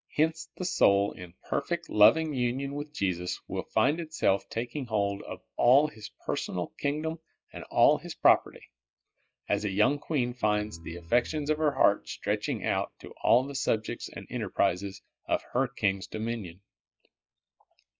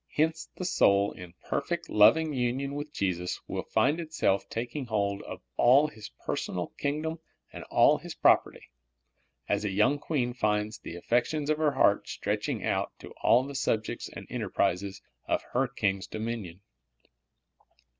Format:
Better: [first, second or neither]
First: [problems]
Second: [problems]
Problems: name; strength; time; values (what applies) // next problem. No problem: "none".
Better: second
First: noise reduction (classical method log-MMSE)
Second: none